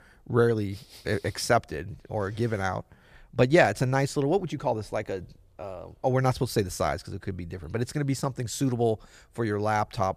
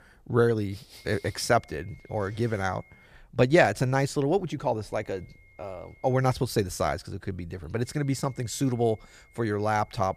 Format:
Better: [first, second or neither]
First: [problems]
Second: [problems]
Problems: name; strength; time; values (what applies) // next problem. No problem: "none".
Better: first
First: none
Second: high-pitched whine; faint; from 1 to 3 s, from 5 to 6.5 s and from 8 s on; 2 kHz, 30 dB below the speech